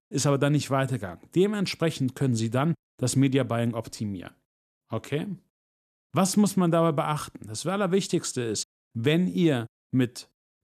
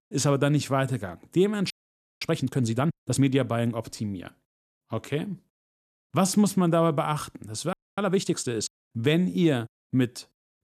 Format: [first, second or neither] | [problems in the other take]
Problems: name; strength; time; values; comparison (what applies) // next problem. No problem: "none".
first | audio freezing; at 1.5 s for 0.5 s and at 7.5 s